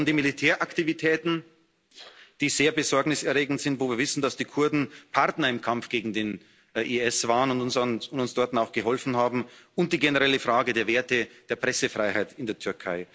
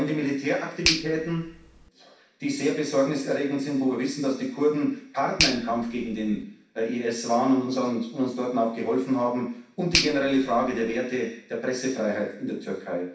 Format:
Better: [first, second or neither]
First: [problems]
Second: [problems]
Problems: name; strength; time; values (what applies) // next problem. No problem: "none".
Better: first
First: none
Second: background sound (Finger snapping); 9 dB below the speech // room echo; dies away in 0.6 s